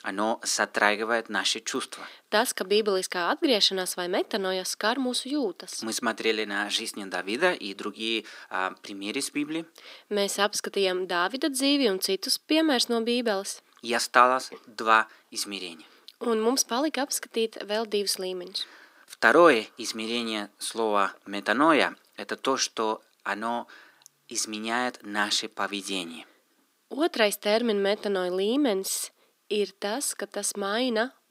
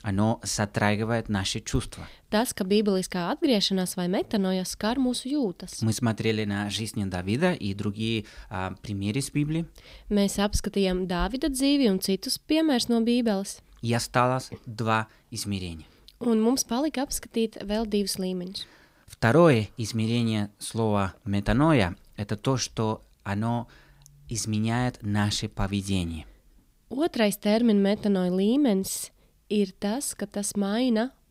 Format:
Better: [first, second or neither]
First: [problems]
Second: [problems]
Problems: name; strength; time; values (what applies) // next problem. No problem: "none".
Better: second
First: thin; somewhat; fading below 300 Hz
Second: none